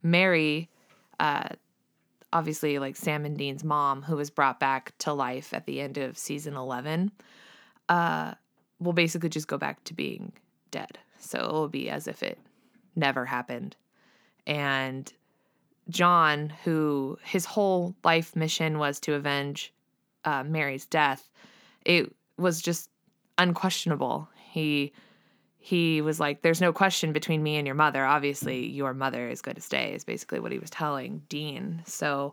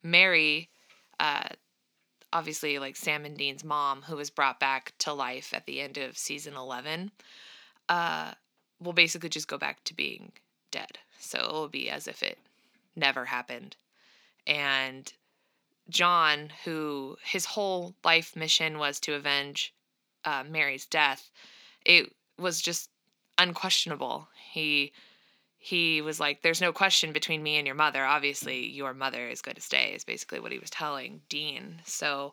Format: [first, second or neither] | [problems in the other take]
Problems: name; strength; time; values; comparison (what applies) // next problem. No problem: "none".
first | thin; somewhat; fading below 450 Hz